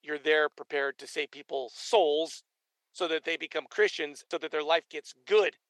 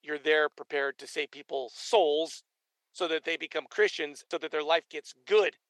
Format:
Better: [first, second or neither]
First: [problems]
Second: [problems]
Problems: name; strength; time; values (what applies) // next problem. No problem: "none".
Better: neither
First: thin; very; fading below 400 Hz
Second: thin; very; fading below 400 Hz